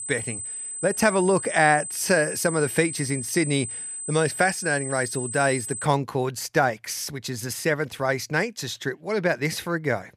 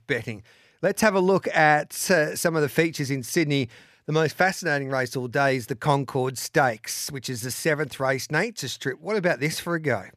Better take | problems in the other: second | high-pitched whine; loud; until 6 s; 8 kHz, 6 dB below the speech

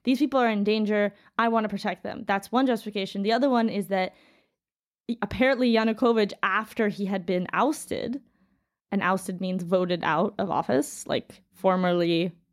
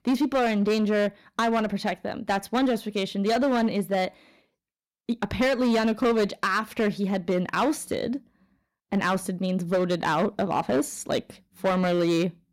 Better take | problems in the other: first | distortion; slight; 9% of the sound clipped

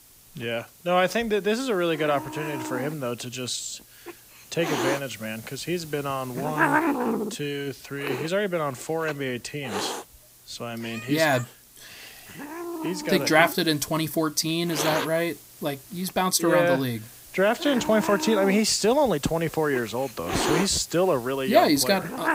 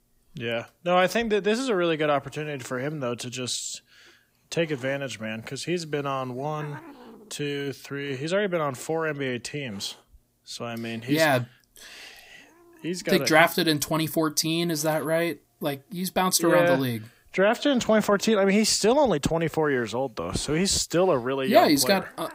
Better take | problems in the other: second | hiss; loud; throughout; 6 dB below the speech; faint in the second

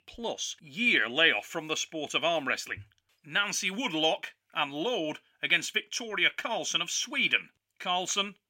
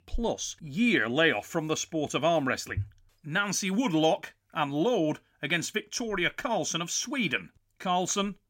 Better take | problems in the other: second | thin; very slightly; fading below 450 Hz

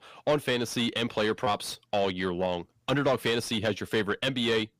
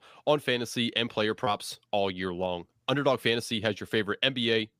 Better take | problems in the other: second | distortion; slight; 10 dB below the speech

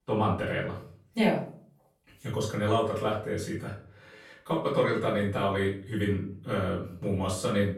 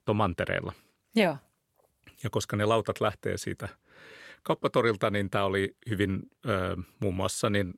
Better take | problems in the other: second | off-mic speech; far // room echo; noticeable; dies away in 0.4 s

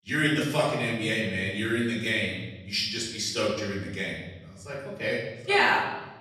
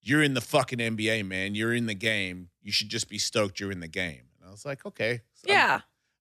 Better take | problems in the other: second | off-mic speech; far // room echo; noticeable; dies away in 1.2 s

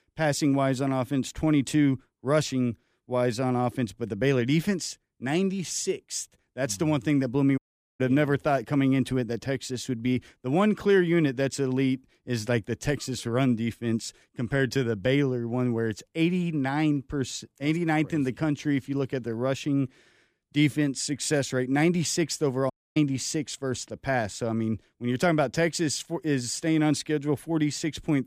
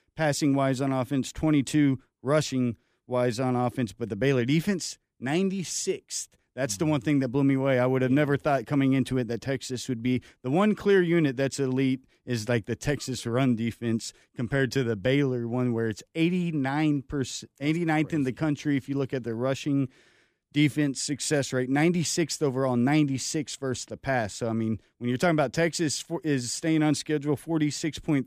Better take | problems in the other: second | audio cutting out; at 7.5 s and at 23 s

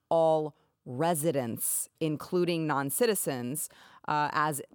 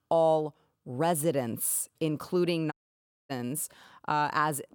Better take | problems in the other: first | audio cutting out; at 2.5 s for 0.5 s

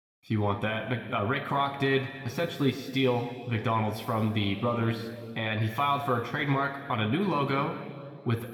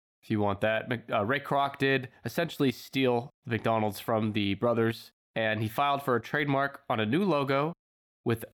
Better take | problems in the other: second | room echo; noticeable; dies away in 1.9 s // off-mic speech; somewhat distant

